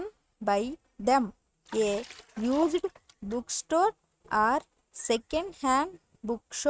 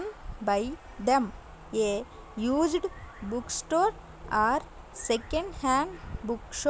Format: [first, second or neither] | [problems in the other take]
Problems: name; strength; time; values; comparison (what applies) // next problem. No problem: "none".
second | noise reduction (neural mask model RNNoise)